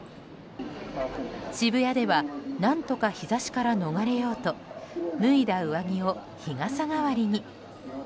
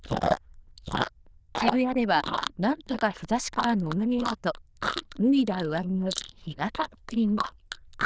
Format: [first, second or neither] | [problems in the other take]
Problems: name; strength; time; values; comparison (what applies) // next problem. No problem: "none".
first | noise reduction (neural diffusion model UNIVERSE++)